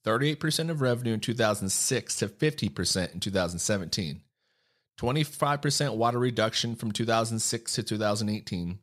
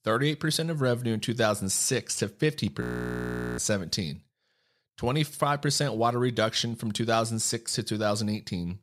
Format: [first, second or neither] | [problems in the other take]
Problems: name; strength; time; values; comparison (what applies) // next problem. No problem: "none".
first | audio freezing; at 3 s for 1 s